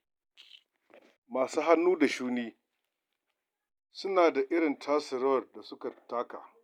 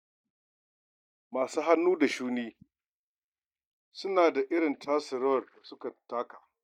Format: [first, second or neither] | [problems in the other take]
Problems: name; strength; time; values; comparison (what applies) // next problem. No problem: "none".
first | noise reduction (neural mask model DeepFilterNet 3)